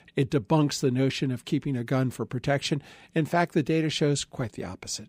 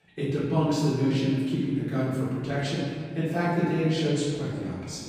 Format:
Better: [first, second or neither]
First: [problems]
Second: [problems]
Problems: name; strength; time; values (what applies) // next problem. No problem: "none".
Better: first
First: none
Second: off-mic speech; far // room echo; strong; dies away in 1.7 s